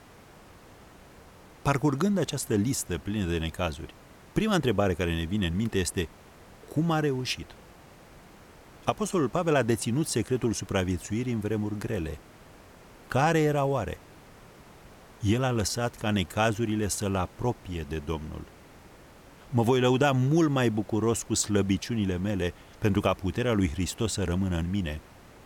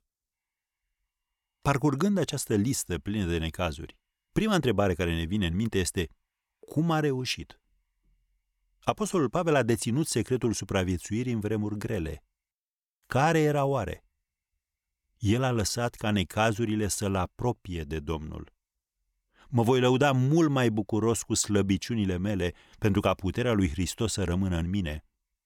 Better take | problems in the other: second | hiss; faint; throughout; 25 dB below the speech

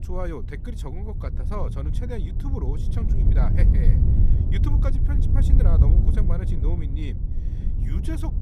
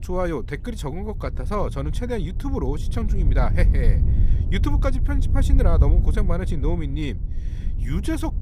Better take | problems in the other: second | wind noise on the microphone; heavy; 1 dB below the speech; occasional gusts in the second

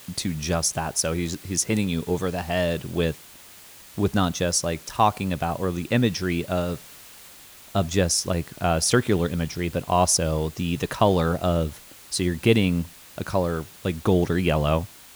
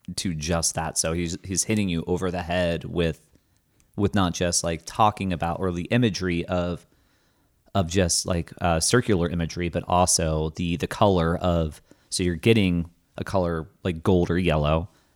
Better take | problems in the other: second | hiss; noticeable; throughout; 20 dB below the speech

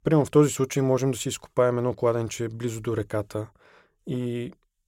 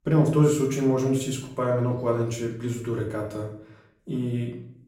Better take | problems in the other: first | room echo; slight; dies away in 0.5 s // off-mic speech; far

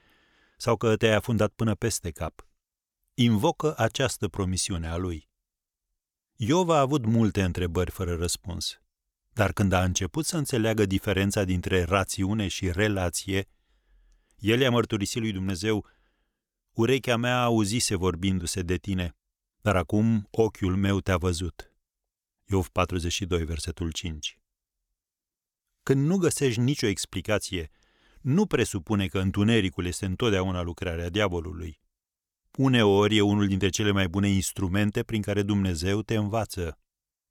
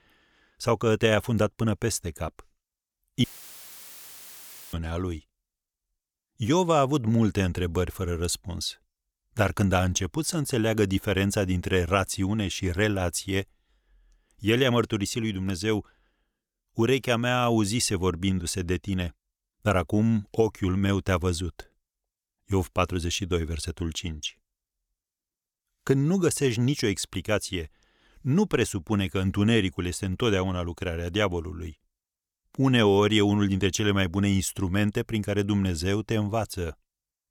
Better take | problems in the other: first | audio cutting out; filled with static; at 3 s for 1.5 s

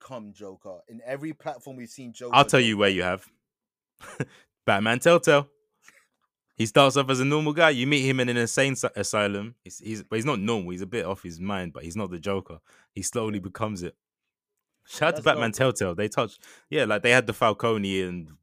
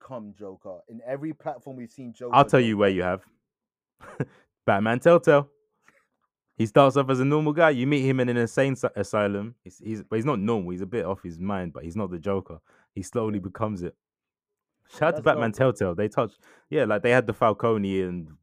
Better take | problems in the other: first | muffled; slightly; fading above 2 kHz

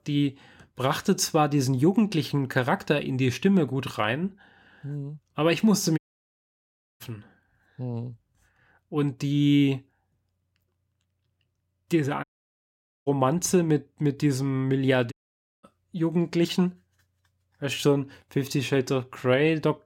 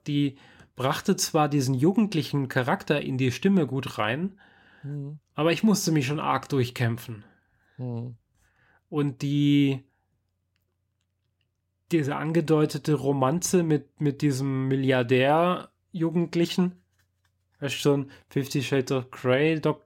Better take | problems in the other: second | audio cutting out; at 6 s for 1 s, at 12 s for 1 s and at 15 s for 0.5 s

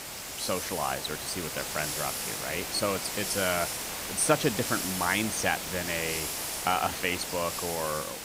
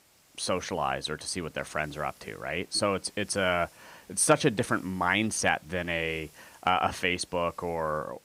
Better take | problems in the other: second | hiss; loud; throughout; 2 dB below the speech; faint in the second

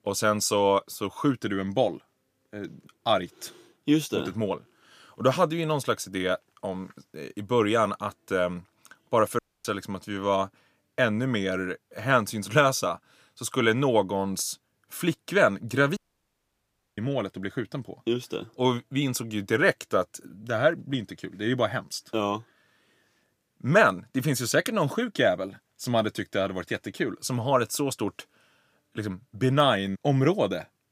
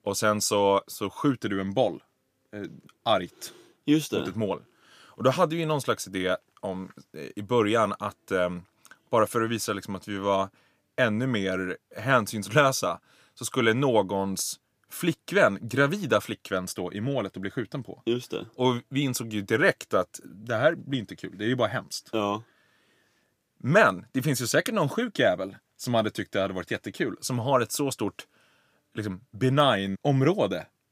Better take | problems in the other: second | audio cutting out; at 9.5 s and at 16 s for 1 s

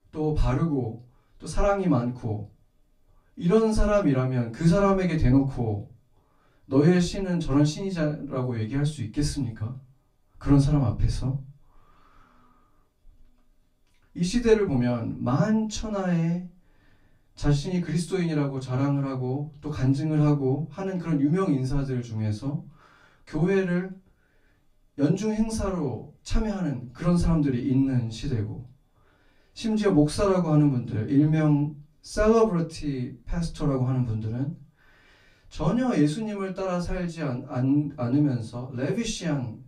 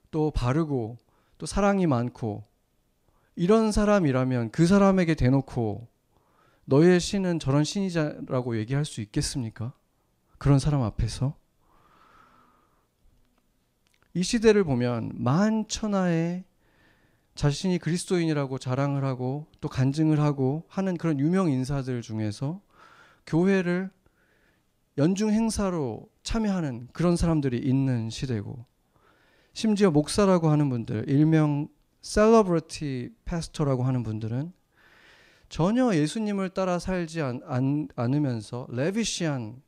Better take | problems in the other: second | off-mic speech; far // room echo; very slight; dies away in 0.2 s

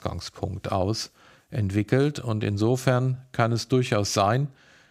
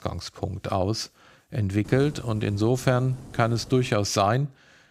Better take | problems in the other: first | wind noise on the microphone; faint; from 2 to 4 s; 25 dB below the speech

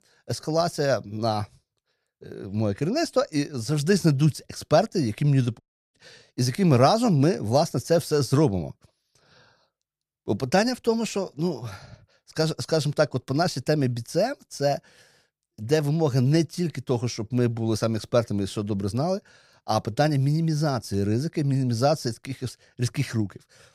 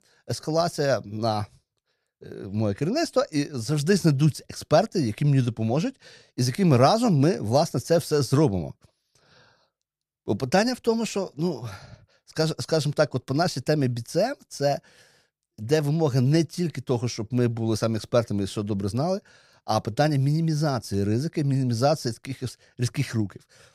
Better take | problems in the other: second | audio cutting out; at 5.5 s

